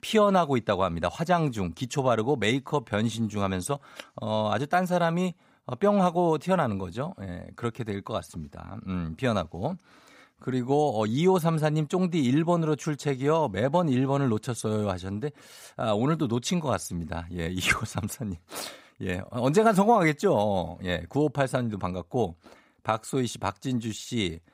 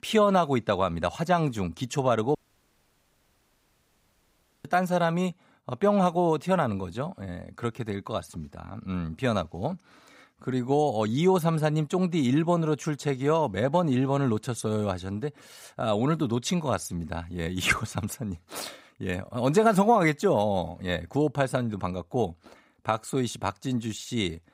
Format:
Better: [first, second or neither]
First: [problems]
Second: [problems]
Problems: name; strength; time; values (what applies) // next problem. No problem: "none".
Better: first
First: none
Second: audio cutting out; at 2.5 s for 2.5 s